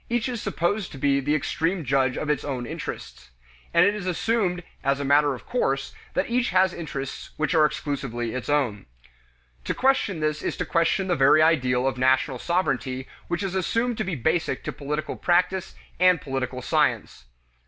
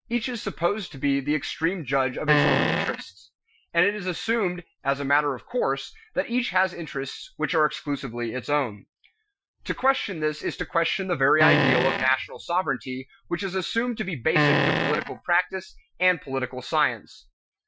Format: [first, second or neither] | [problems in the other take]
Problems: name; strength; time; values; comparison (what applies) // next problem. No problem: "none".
first | noise reduction (classical method Wiener filter)